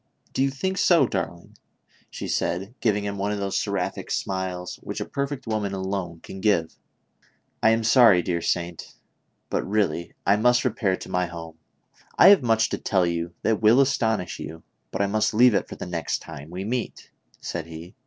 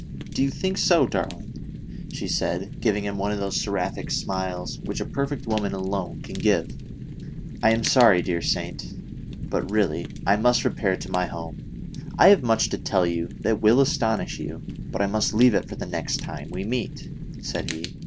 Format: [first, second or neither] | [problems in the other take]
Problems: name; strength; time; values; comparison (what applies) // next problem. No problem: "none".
first | background sound (Fire); 9 dB below the speech